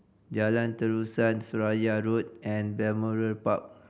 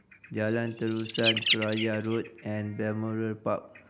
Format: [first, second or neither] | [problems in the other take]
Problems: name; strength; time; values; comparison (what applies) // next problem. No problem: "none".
first | background sound (Bird); 5 dB below the speech